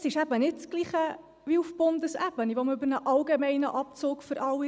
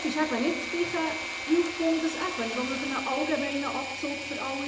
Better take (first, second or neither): first